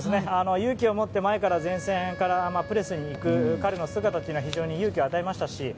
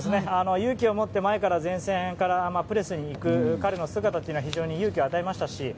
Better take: second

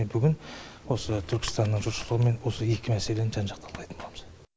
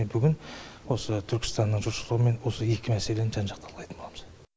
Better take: second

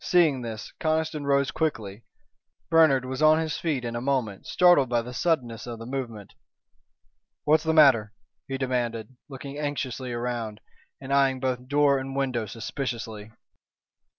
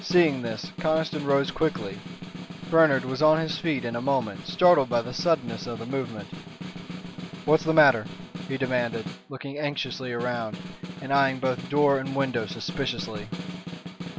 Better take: first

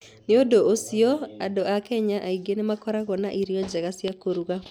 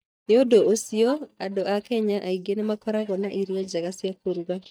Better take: first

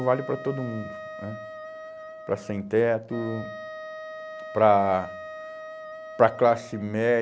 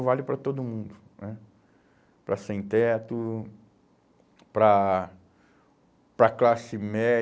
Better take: second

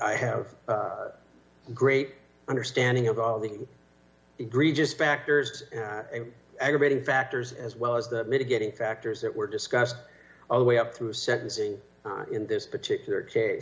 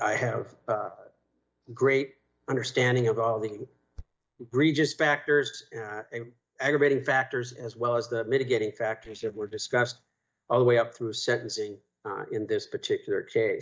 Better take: first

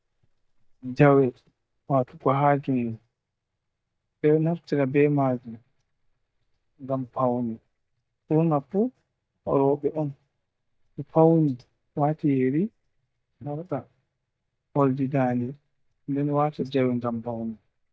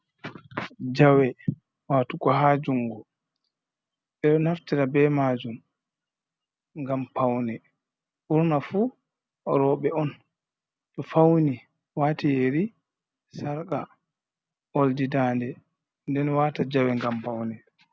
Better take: second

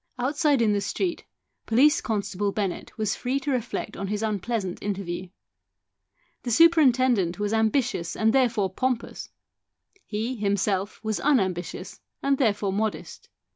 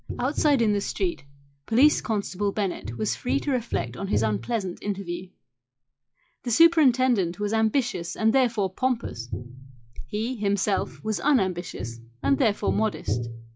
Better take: first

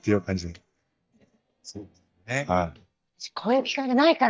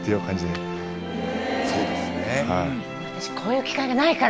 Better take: second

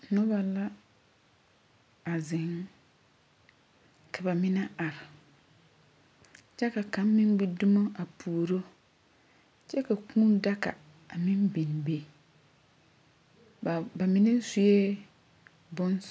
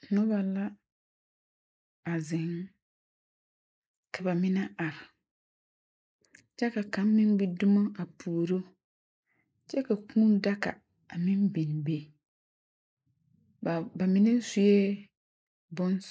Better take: first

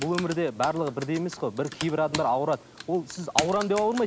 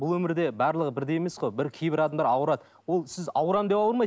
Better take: second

